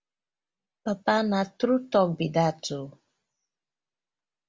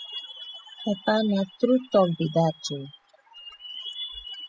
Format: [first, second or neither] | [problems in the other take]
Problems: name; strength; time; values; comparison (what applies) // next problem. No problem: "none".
first | noise reduction (classical method spectral subtraction)